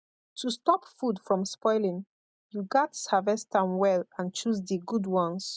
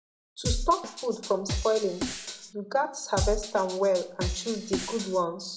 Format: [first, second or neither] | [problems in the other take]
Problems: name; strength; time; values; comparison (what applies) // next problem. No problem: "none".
first | background sound (Drum kit); 4 dB below the speech // room echo; dies away in 0.5 s